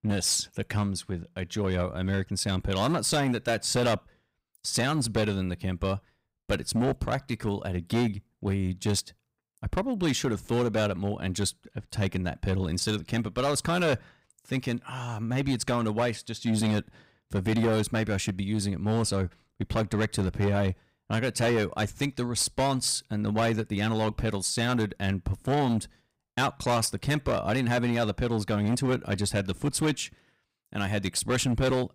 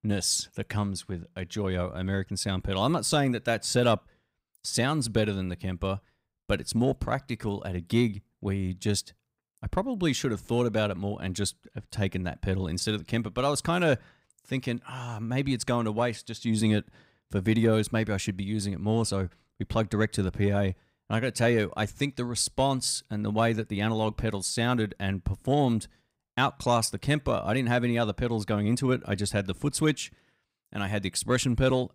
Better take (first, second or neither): second